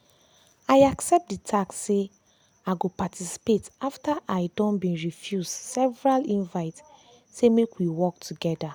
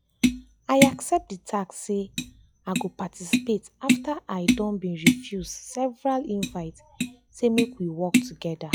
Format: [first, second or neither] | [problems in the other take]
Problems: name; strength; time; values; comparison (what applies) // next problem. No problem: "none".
first | noise reduction (classical method log-MMSE)